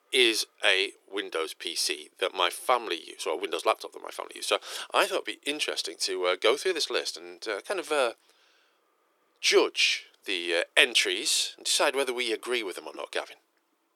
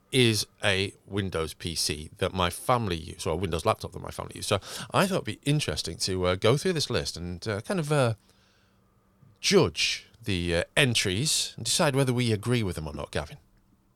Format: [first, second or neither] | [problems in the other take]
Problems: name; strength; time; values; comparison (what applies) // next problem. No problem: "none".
second | thin; very; fading below 350 Hz